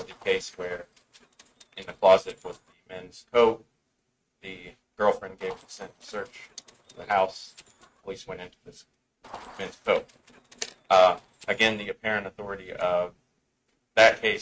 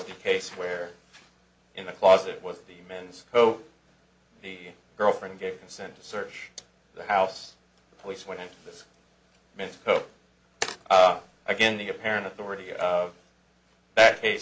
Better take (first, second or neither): second